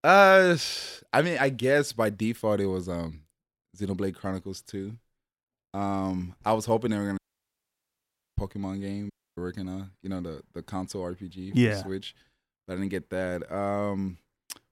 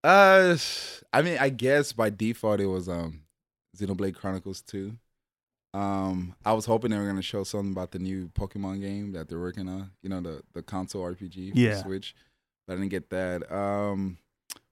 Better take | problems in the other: second | audio cutting out; at 7 s for 1 s and at 9 s

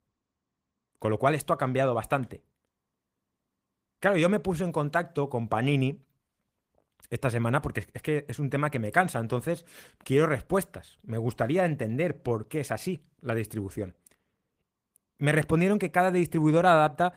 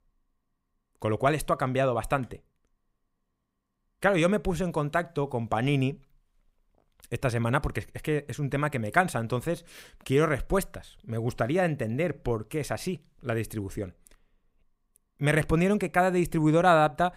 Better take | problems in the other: second | garbled, watery; slightly; nothing above 15.5 kHz

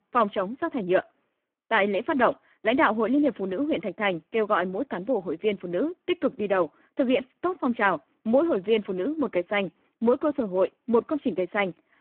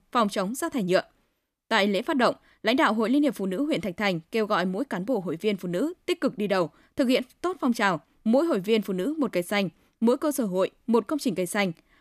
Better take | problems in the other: second | phone-call audio; poor line

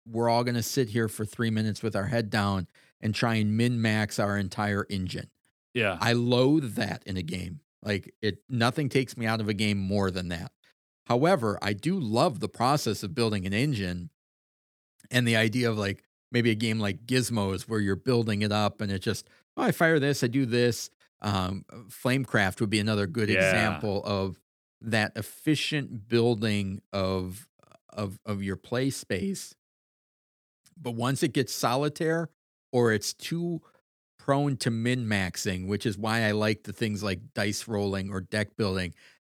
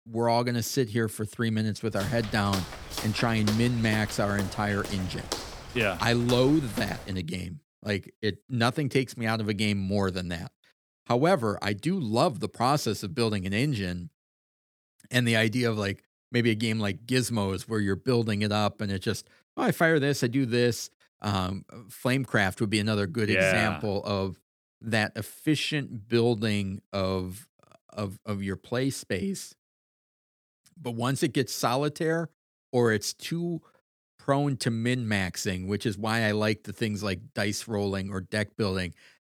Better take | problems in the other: first | footsteps; noticeable; from 2 to 7 s; peak 7 dB below the speech

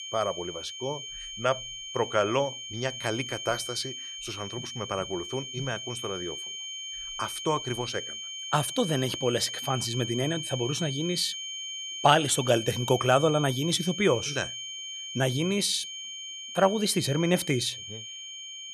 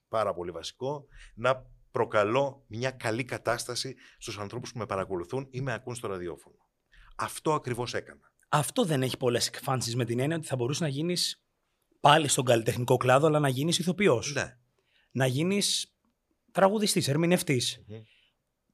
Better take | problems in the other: second | high-pitched whine; loud; throughout; 3 kHz, 7 dB below the speech

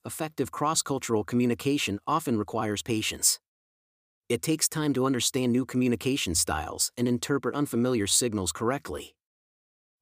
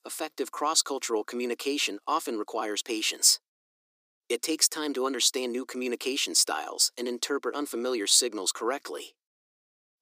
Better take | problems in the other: first | thin; somewhat; fading below 300 Hz

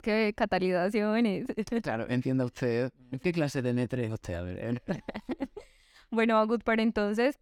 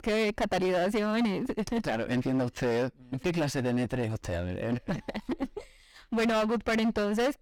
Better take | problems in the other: first | distortion; heavy; 18% of the sound clipped

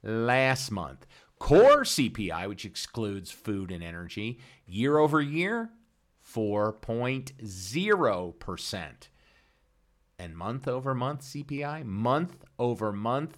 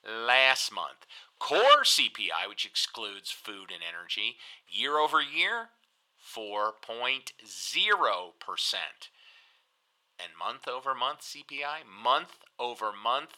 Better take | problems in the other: first | thin; very; fading below 900 Hz

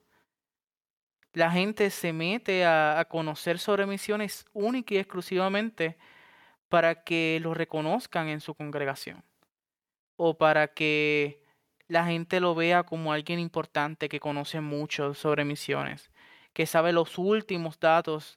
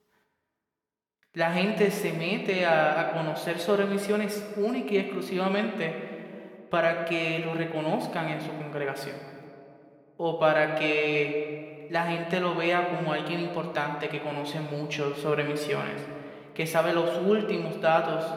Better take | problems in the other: first | room echo; slight; dies away in 1.7 s

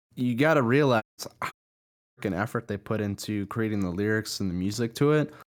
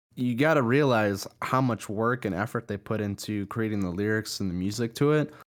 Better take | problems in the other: second | audio cutting out; at 1 s and at 1.5 s for 0.5 s

